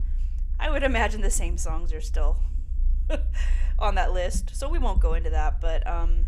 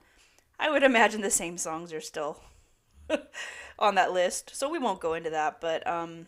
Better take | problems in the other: second | low rumble; faint; throughout; 20 dB below the speech

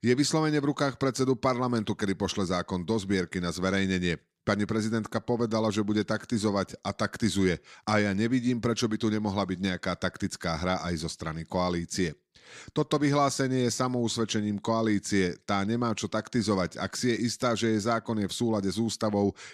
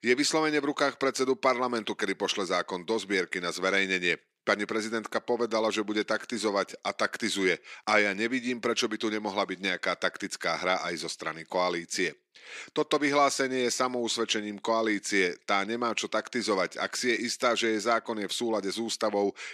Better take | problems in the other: first | thin; somewhat; fading below 400 Hz

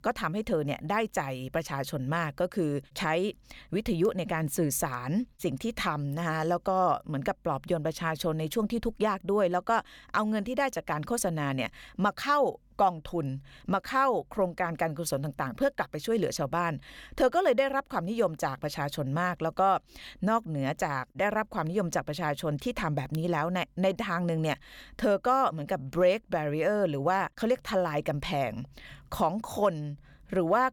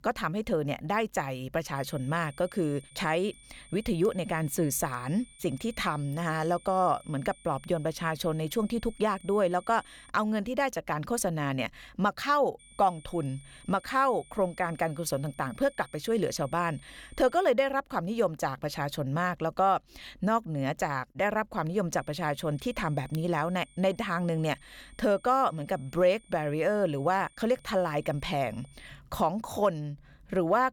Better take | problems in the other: first | high-pitched whine; faint; from 2 to 10 s, from 13 to 17 s and from 22 to 29 s; 9 kHz, 25 dB below the speech

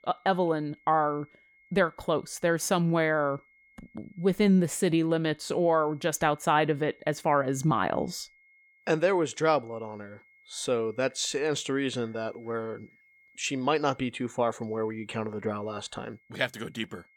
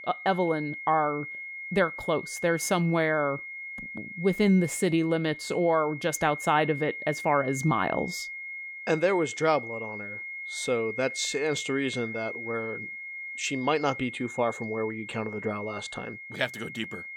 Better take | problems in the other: first | high-pitched whine; loud; throughout; 2 kHz, 9 dB below the speech; faint in the first

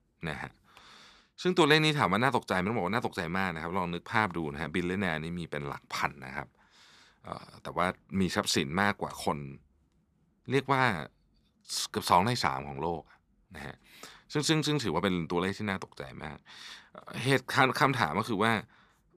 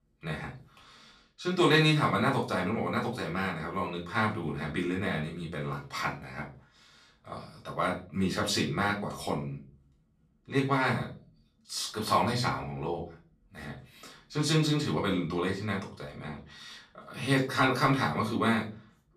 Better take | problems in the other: first | room echo; slight; dies away in 0.3 s // off-mic speech; far

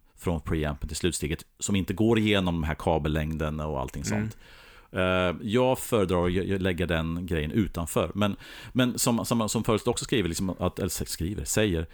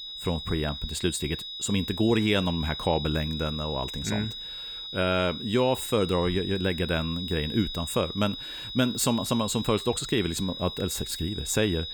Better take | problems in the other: first | high-pitched whine; loud; throughout; 4 kHz, 7 dB below the speech

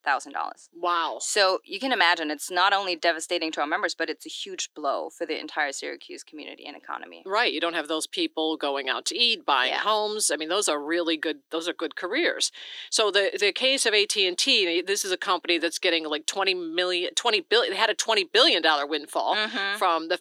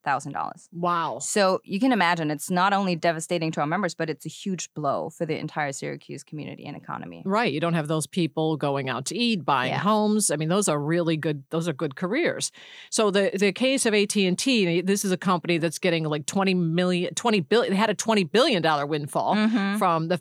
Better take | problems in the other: second | thin; very; fading below 300 Hz

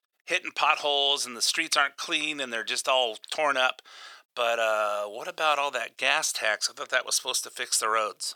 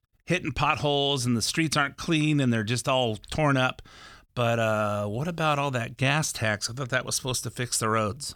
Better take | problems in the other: second | thin; very; fading below 500 Hz

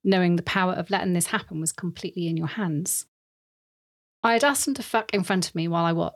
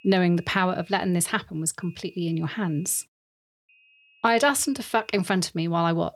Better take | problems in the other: first | high-pitched whine; faint; until 1 s, from 2 to 3 s and from 3.5 to 5.5 s; 2.5 kHz, 30 dB below the speech

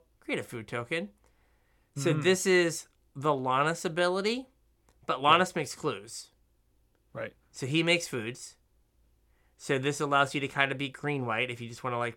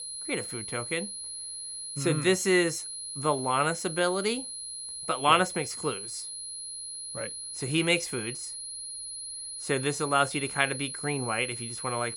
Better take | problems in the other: first | high-pitched whine; loud; throughout; 10.5 kHz, 7 dB below the speech

